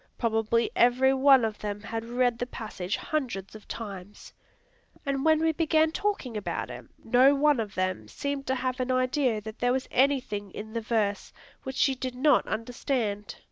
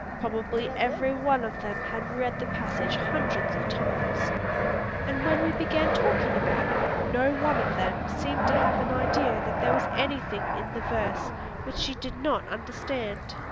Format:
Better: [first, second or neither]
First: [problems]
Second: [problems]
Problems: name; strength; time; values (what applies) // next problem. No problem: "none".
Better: first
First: none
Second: background sound (Fixed-wing aircraft, airplane); 3 dB above the speech